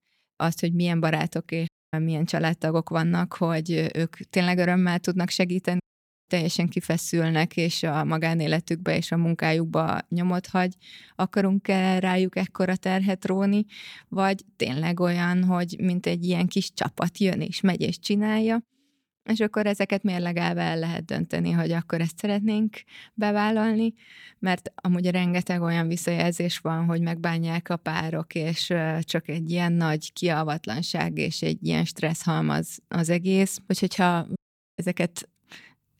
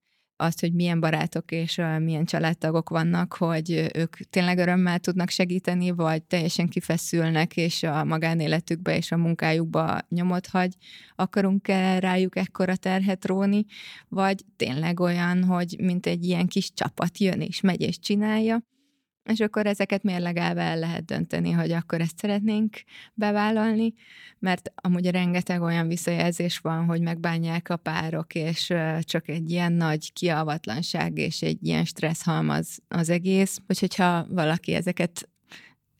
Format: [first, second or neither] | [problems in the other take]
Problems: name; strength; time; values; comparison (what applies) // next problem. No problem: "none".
second | audio cutting out; at 1.5 s, at 6 s and at 34 s